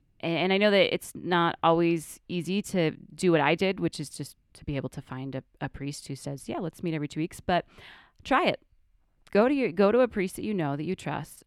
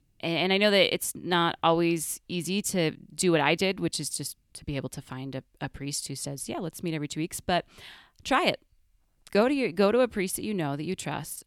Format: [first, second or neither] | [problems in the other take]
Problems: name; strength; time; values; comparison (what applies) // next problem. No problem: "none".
second | muffled; slightly; fading above 3.5 kHz